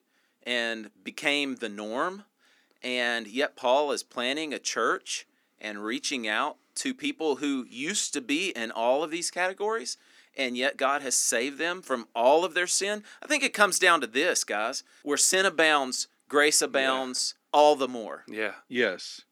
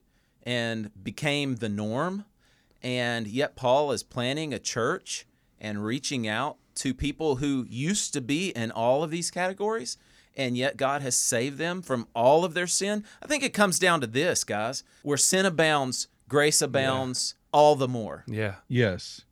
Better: second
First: thin; very slightly; fading below 300 Hz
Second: none

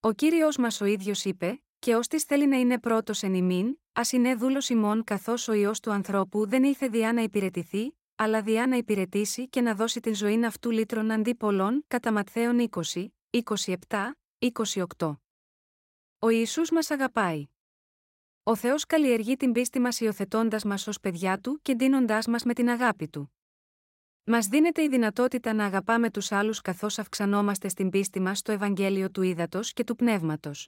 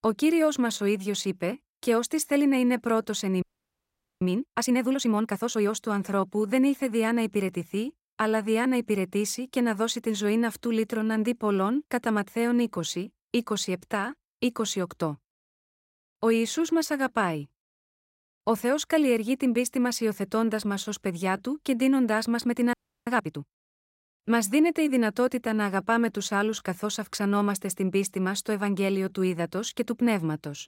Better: first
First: none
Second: audio freezing; at 3.5 s for 1 s and at 23 s

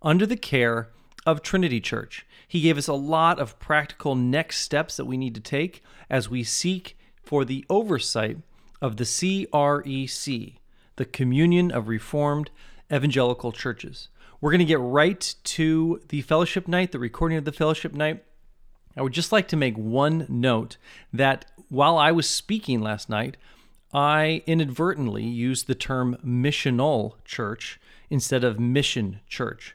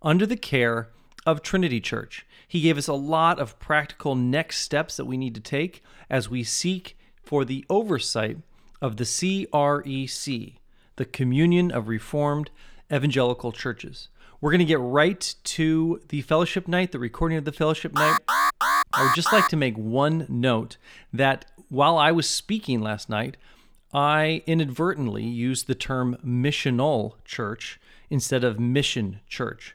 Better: first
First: none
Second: alarm; loud; from 18 to 19 s; peak 4 dB above the speech

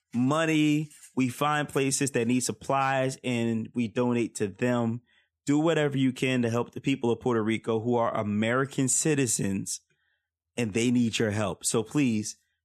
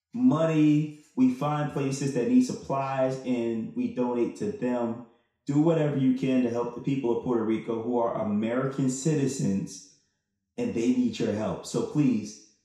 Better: first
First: none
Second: room echo; noticeable; dies away in 0.6 s // off-mic speech; far

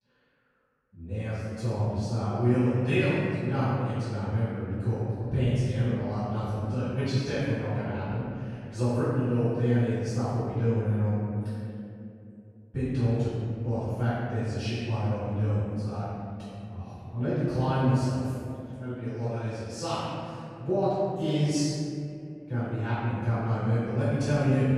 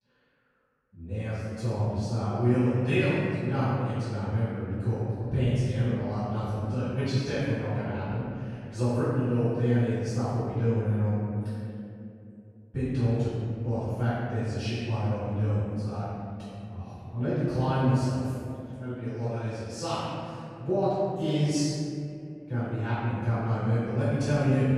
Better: neither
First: room echo; strong; dies away in 2.4 s // off-mic speech; far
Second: room echo; strong; dies away in 2.4 s // off-mic speech; far

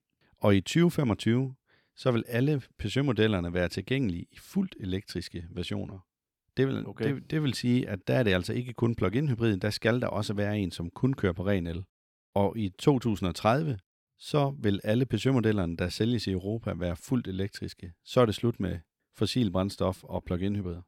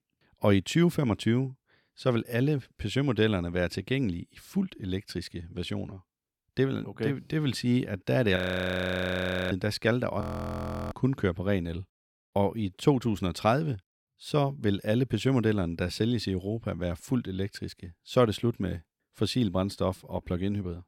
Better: first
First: none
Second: audio freezing; at 8.5 s for 1 s and at 10 s for 0.5 s

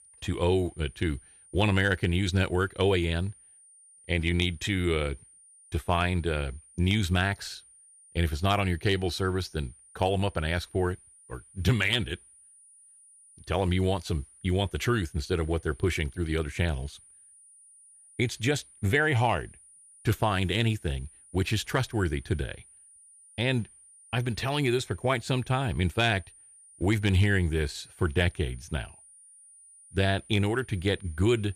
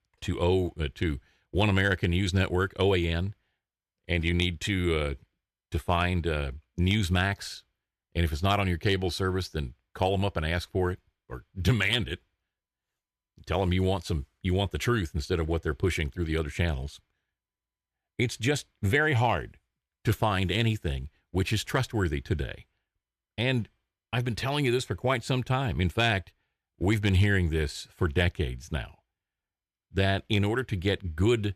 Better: second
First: high-pitched whine; faint; throughout; 9.5 kHz, 25 dB below the speech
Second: none

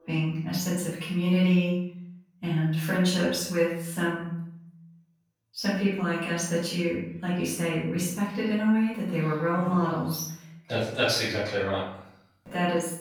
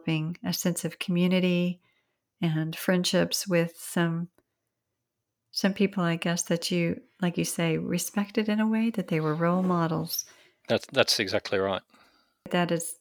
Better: second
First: off-mic speech; far // room echo; noticeable; dies away in 0.6 s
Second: none

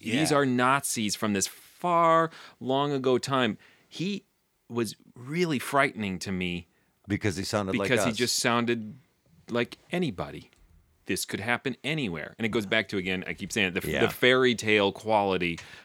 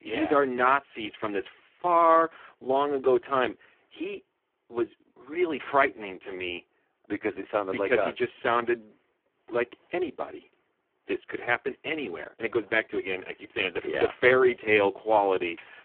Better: first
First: none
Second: phone-call audio; poor line

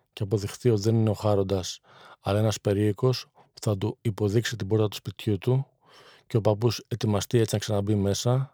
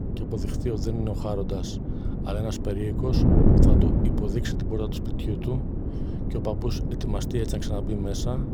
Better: first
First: none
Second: wind noise on the microphone; heavy; as loud as the speech

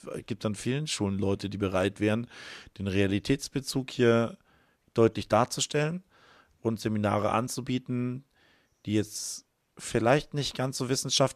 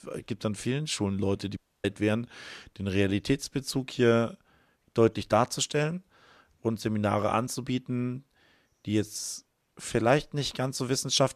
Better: first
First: none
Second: audio cutting out; at 1.5 s

